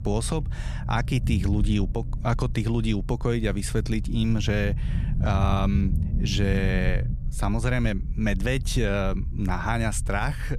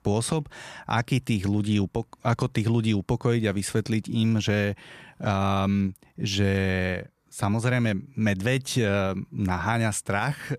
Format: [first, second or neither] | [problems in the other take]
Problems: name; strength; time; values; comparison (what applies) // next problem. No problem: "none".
second | low rumble; noticeable; throughout; 15 dB below the speech